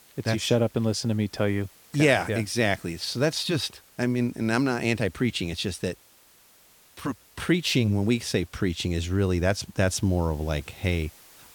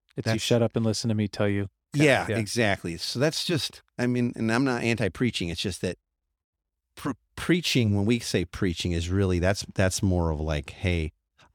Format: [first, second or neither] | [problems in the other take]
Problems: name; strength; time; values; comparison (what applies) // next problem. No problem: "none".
second | hiss; faint; throughout; 25 dB below the speech